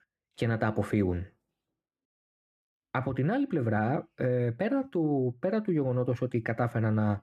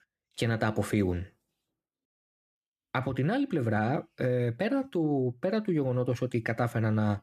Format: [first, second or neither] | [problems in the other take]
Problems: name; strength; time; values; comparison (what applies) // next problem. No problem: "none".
second | muffled; slightly; fading above 2.5 kHz